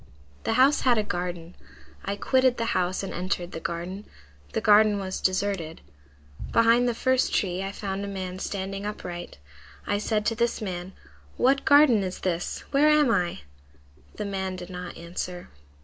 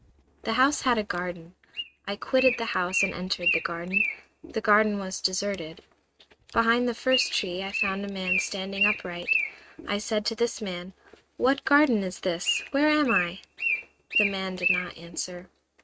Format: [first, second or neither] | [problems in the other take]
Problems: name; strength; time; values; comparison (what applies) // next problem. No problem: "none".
first | noise reduction (neural mask model RNNoise)